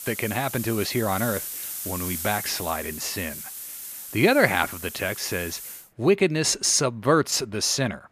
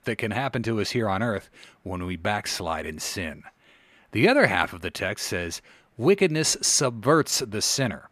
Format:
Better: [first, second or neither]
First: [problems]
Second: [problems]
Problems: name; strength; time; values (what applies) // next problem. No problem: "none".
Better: second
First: hiss; loud; until 6 s; 9 dB below the speech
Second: none